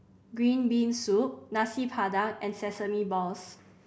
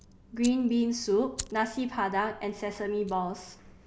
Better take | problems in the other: first | background sound (Fire); 17 dB below the speech

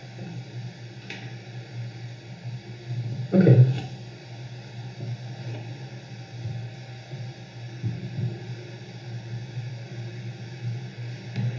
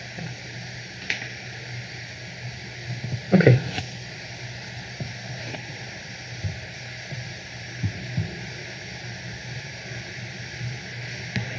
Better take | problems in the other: second | room echo; dies away in 0.6 s

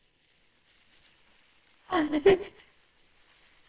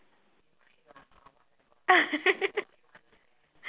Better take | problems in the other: second | noise reduction (neural separator model SepFormer WHAMR!)

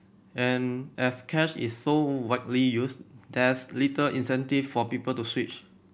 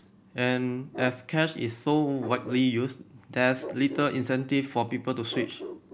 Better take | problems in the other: first | background sound (Bark); 15 dB below the speech

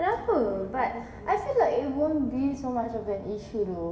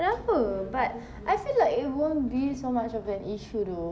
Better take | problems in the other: second | room echo; dies away in 1.1 s

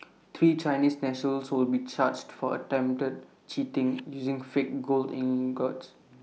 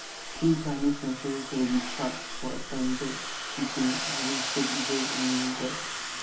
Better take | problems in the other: first | background sound (Domestic sounds, home sounds); 3 dB below the speech // room echo; dies away in 0.4 s

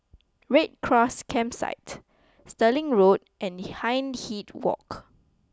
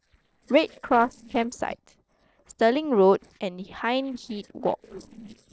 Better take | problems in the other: first | noise reduction (neural separator model SepFormer DNS4)

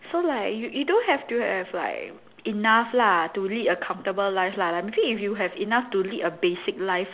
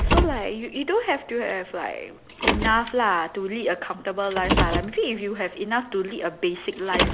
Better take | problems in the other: first | background sound (Car); 2 dB below the speech

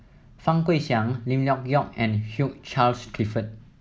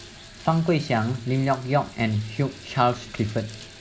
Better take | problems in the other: first | background sound (Bathtub (filling or washing) / Water tap, faucet); 19 dB below the speech

